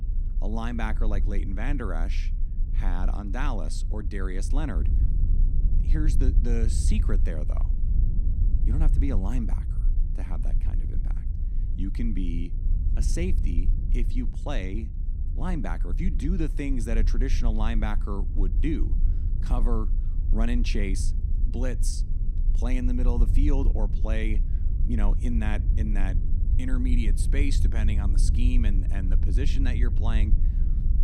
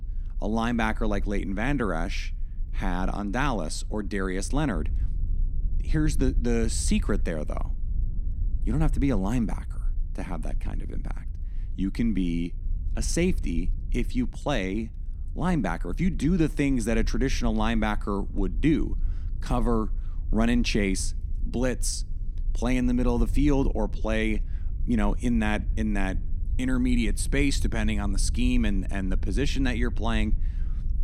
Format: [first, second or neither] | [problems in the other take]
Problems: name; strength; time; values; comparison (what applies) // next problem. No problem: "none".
second | low rumble; loud; throughout; 10 dB below the speech; faint in the second